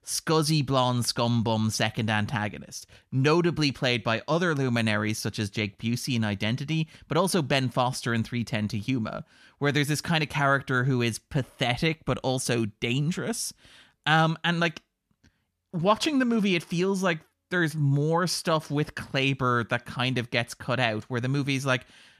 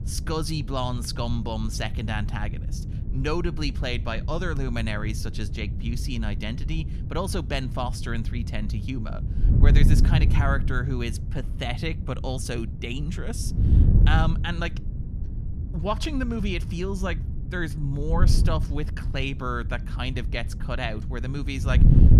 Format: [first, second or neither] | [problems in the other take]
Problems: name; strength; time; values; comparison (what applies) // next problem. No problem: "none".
first | wind noise on the microphone; heavy; 9 dB below the speech